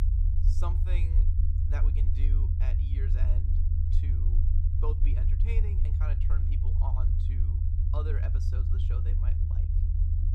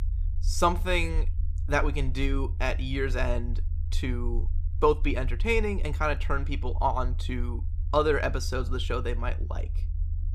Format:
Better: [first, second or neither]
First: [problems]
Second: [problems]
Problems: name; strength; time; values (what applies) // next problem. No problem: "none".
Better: second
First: low rumble; loud; throughout; as loud as the speech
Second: low rumble; faint; throughout; 25 dB below the speech